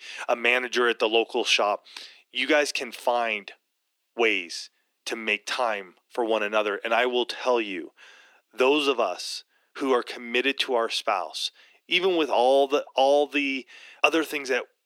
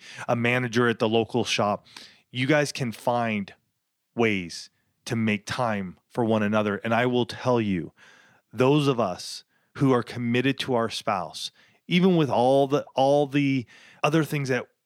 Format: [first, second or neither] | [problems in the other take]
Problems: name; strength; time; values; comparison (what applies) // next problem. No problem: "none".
second | thin; somewhat; fading below 300 Hz